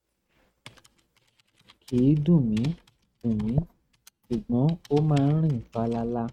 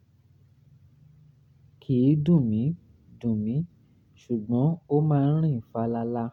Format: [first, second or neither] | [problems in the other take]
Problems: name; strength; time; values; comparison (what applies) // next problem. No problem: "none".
second | noise reduction (neural mask model RNNoise)